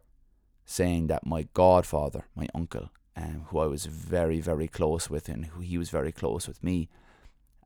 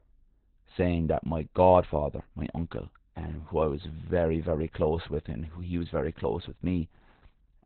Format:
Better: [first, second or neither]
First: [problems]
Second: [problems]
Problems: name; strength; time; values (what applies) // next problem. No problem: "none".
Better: first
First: none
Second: garbled, watery; badly; nothing above 4 kHz